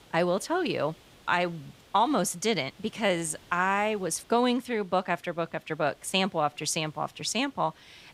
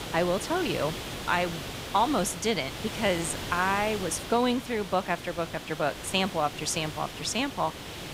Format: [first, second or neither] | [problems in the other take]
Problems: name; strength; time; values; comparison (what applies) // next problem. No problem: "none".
first | hiss; loud; throughout; 8 dB below the speech; faint in the first